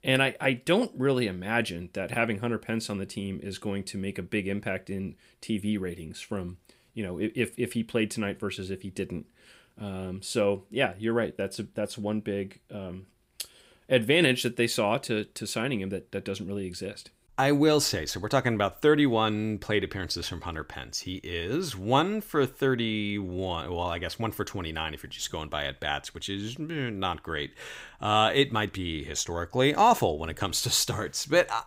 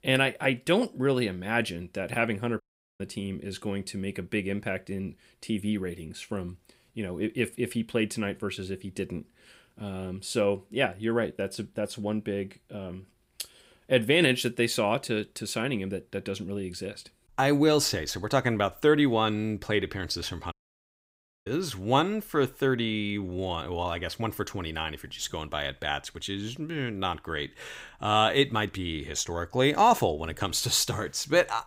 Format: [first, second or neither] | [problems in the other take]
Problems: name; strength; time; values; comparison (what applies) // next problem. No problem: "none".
first | audio cutting out; at 2.5 s and at 21 s for 1 s